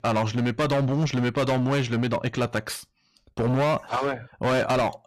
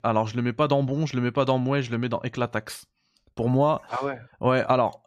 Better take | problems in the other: second | distortion; heavy; 19% of the sound clipped

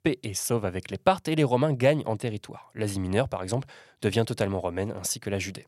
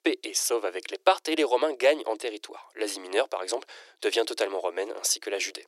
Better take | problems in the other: first | thin; very; fading below 300 Hz

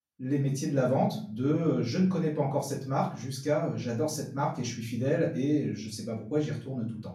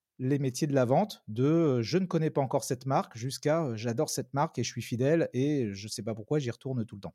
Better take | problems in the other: second | off-mic speech; far // room echo; slight; dies away in 0.4 s

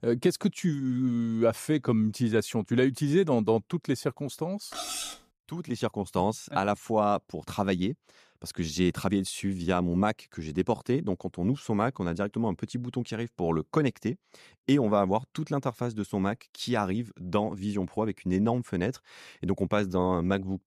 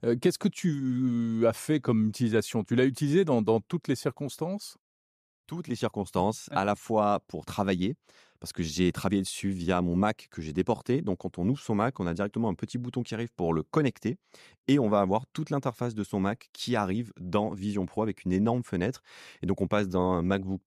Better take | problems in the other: second | clattering dishes; noticeable; at 4.5 s; peak 4 dB below the speech

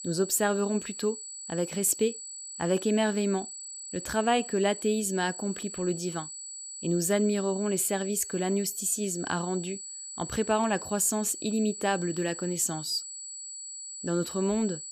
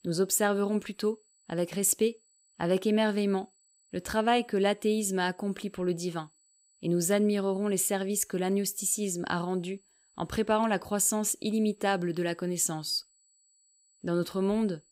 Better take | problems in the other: second | high-pitched whine; loud; throughout; 8 kHz, 9 dB below the speech; faint in the second

